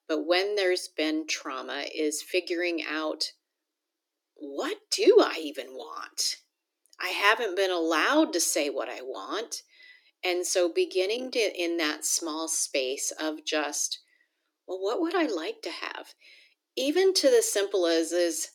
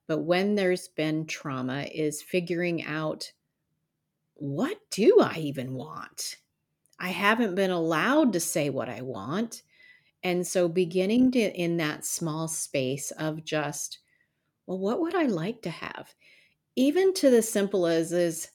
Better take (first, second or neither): second